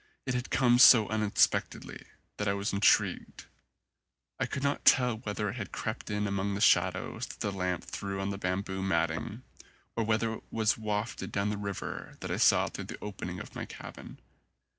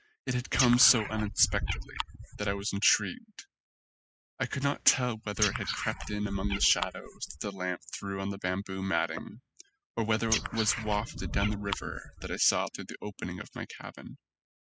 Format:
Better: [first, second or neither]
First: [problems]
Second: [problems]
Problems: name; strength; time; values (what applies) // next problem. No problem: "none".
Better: first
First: none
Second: noise reduction (classical method spectral subtraction)